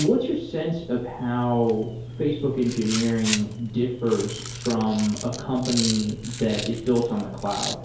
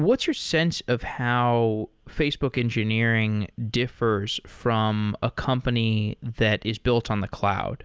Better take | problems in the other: second | background sound (Rattle); 11 dB below the speech // room echo; dies away in 2.4 s

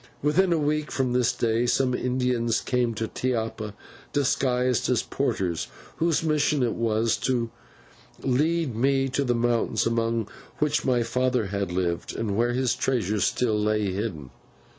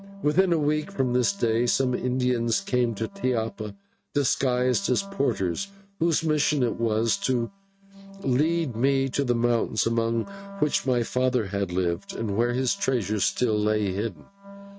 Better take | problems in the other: first | noise reduction (neural mask model RNNoise)

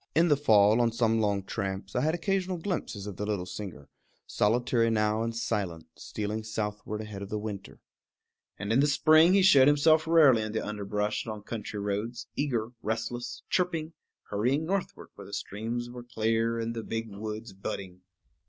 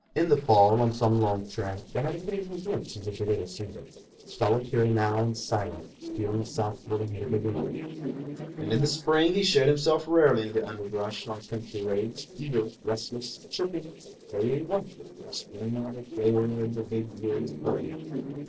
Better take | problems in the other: first | noise reduction (neural separator model SepFormer DNS4)

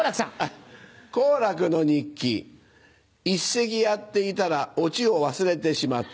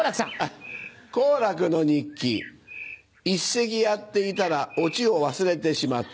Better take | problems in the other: first | background sound (Bird); 19 dB below the speech

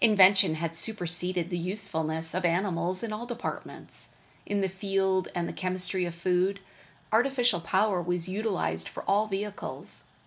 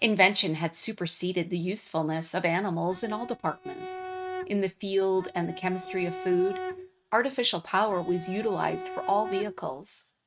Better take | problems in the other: first | noise reduction (neural mask model RNNoise)

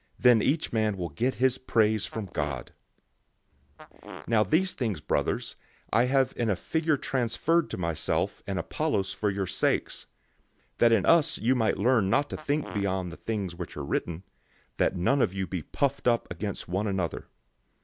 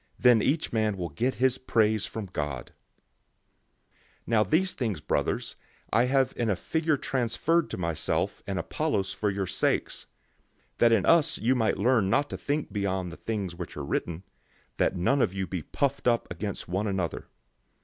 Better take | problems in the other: second | background sound (Fart); 17 dB below the speech

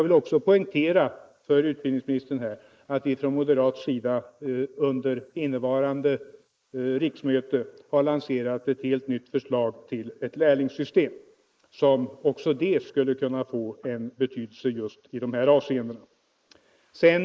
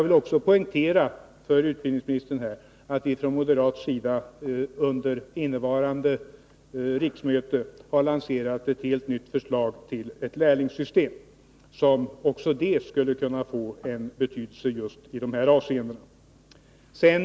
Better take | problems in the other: second | noise reduction (neural mask model Resemble Enhance denoiser)

